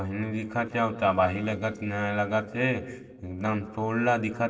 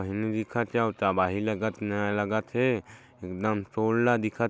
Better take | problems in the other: second | noise reduction (neural separator model SepFormer DNS4)

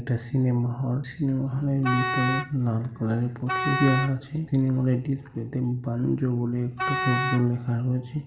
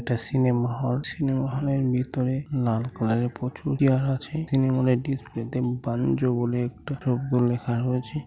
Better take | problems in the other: second | background sound (Wind instrument, woodwind instrument); 5 dB below the speech // room echo; dies away in 1.2 s

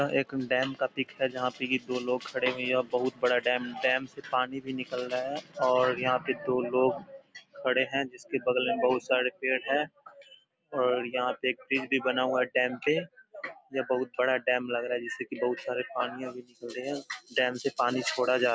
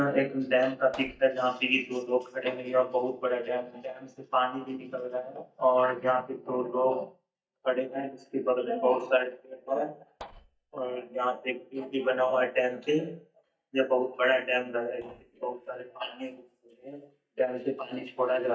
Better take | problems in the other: first | noise reduction (neural mask model DeepFilterNet 3)

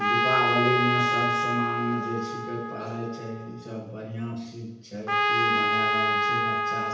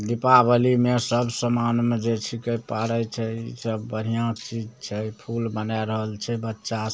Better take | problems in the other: second | background sound (Trumpet); 5 dB above the speech // room echo; dies away in 0.9 s

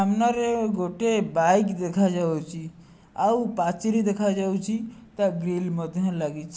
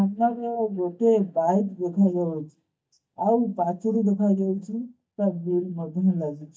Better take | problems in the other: first | noise reduction (neural mask model DeepFilterNet 3)

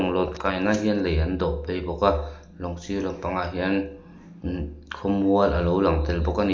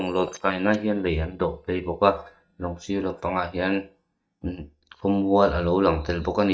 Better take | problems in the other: first | noise reduction (neural mask model DeepFilterNet 3)

